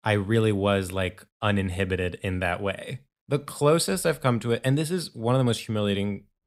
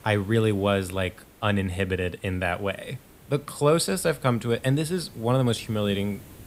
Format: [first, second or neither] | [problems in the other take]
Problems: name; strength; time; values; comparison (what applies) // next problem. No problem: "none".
first | hiss; faint; throughout; 25 dB below the speech